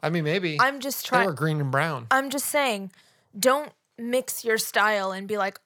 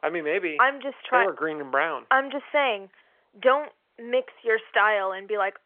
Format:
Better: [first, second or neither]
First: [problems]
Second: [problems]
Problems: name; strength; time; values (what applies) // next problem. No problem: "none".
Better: first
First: none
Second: phone-call audio; nothing above 3.5 kHz